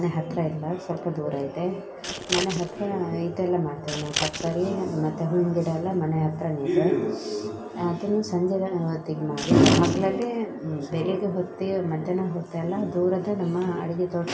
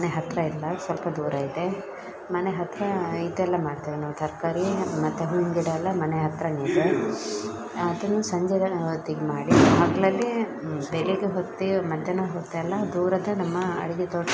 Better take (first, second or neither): second